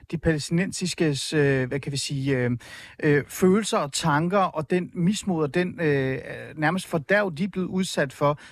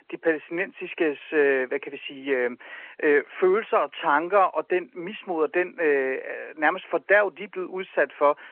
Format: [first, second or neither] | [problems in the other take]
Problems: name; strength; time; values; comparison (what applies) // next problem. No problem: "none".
first | phone-call audio